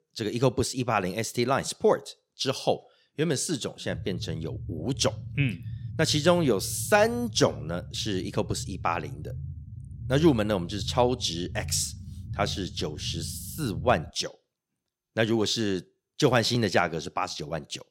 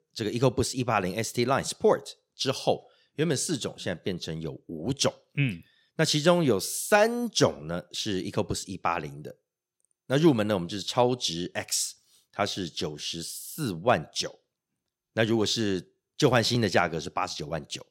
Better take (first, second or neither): second